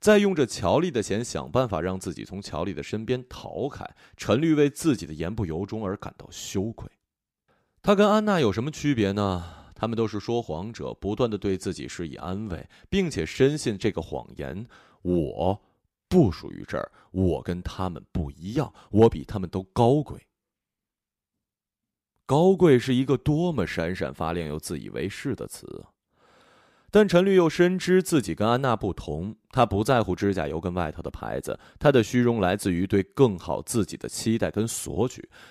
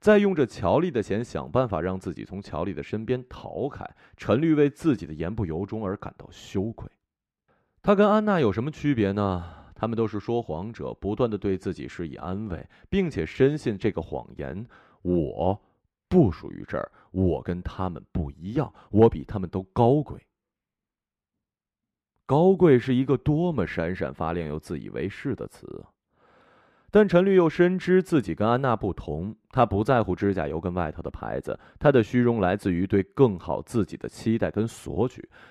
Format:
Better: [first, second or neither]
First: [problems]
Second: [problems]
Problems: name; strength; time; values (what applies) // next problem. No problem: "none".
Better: first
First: none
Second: muffled; slightly; fading above 3.5 kHz